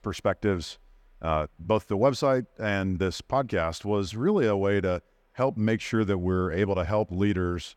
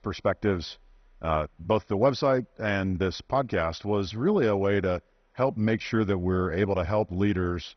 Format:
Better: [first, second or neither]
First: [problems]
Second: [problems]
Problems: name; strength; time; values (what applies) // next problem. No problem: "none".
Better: first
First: none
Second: garbled, watery; badly; nothing above 6 kHz